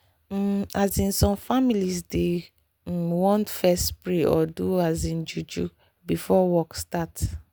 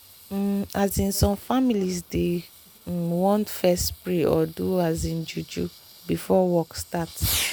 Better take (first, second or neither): first